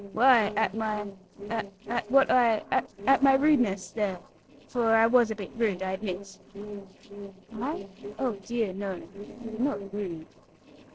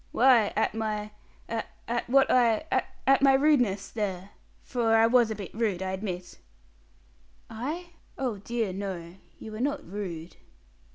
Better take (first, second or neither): second